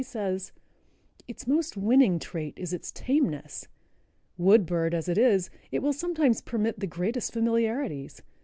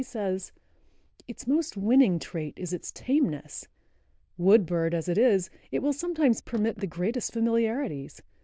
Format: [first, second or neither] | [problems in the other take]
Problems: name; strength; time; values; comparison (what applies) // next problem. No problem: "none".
first | noise reduction (neural diffusion model UNIVERSE++)